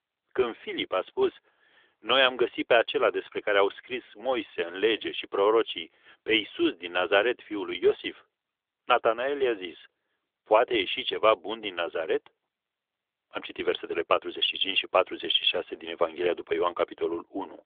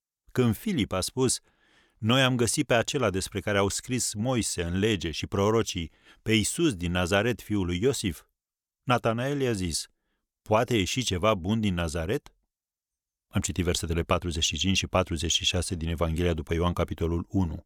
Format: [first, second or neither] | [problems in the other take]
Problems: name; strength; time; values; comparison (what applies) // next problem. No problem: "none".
second | phone-call audio; nothing above 3.5 kHz